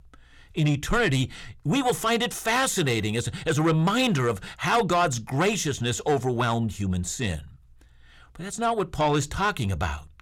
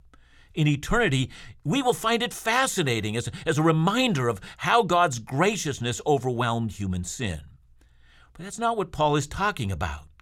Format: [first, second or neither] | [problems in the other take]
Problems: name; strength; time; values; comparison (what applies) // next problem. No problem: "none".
second | distortion; slight; 10 dB below the speech